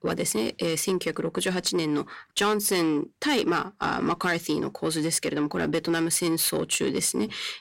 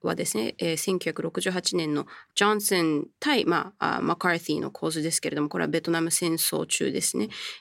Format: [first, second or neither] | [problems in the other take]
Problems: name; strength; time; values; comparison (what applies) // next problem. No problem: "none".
second | distortion; slight; 10 dB below the speech